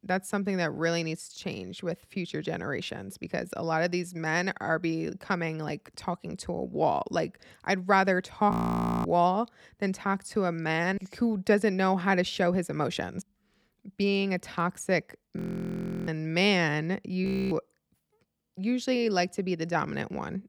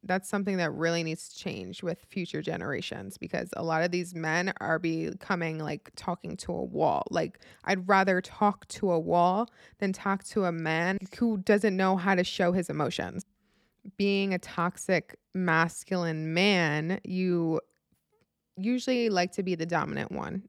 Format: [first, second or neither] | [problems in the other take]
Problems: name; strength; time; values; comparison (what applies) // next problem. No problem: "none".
second | audio freezing; at 8.5 s for 0.5 s, at 15 s for 0.5 s and at 17 s